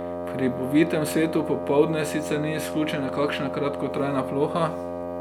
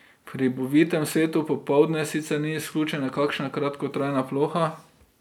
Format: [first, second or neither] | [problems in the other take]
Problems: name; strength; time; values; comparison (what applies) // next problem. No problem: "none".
second | background sound (Wind instrument, woodwind instrument); 6 dB below the speech